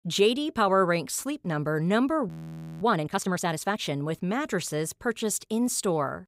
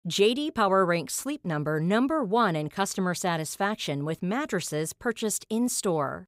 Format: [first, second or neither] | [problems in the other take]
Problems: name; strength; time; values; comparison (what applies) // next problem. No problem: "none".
second | audio freezing; at 2.5 s for 0.5 s